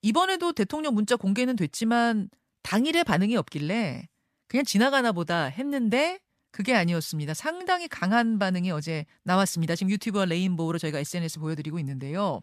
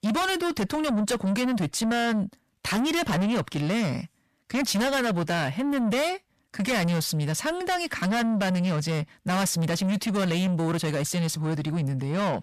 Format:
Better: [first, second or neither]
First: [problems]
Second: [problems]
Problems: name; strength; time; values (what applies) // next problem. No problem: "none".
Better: first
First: none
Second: distortion; heavy; 6 dB below the speech